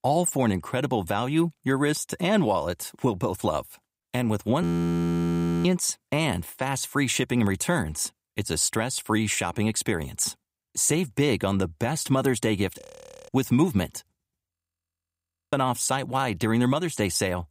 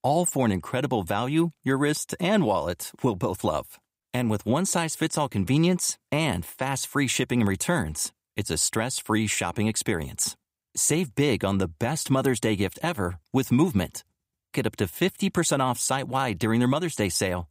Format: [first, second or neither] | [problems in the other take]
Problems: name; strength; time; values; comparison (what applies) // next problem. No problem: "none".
second | audio freezing; at 4.5 s for 1 s, at 13 s and at 15 s for 1 s